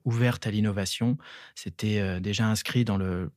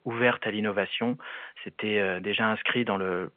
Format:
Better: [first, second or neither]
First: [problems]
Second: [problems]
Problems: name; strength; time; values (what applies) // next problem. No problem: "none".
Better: first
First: none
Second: phone-call audio; nothing above 3.5 kHz